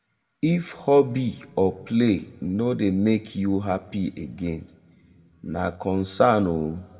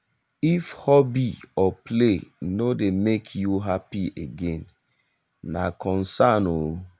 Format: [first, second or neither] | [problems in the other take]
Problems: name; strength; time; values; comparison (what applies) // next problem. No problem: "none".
second | room echo; dies away in 2.2 s